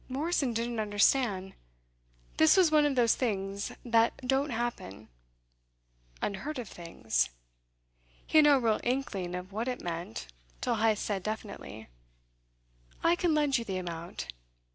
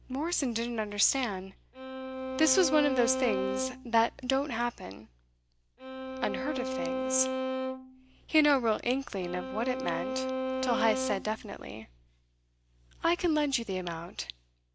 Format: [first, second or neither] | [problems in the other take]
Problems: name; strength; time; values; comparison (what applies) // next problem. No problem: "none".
first | background sound (Bowed string instrument); 3 dB below the speech